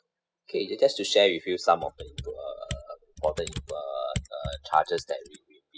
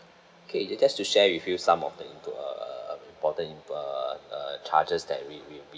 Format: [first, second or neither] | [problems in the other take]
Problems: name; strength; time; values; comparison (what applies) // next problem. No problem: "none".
second | noise reduction (classical method spectral subtraction)